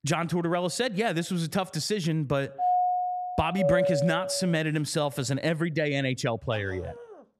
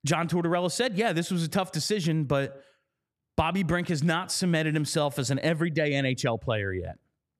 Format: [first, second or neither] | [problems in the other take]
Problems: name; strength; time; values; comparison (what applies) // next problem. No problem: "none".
second | doorbell; loud; from 2.5 to 4.5 s; peak 3 dB above the speech // dog barking; faint; at 6.5 s; peak 15 dB below the speech